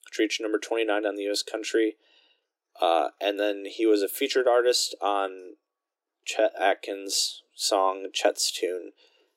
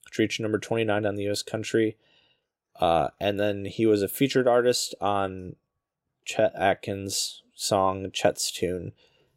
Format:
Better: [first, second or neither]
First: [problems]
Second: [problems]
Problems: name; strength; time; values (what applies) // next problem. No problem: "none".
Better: second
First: thin; somewhat; fading below 300 Hz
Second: none